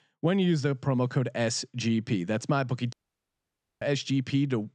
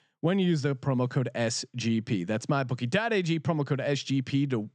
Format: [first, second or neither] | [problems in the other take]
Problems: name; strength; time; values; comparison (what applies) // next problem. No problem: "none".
second | audio cutting out; at 3 s for 1 s